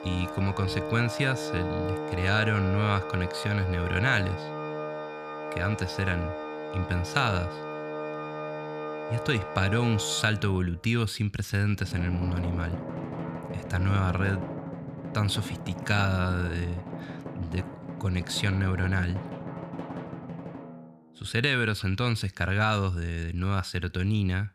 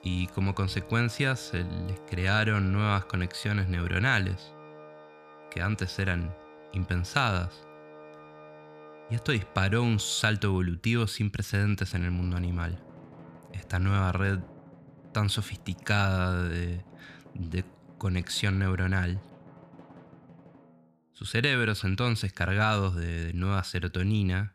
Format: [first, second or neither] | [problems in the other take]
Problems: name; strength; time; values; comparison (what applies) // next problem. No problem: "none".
second | background music; loud; throughout; 8 dB below the speech; faint in the second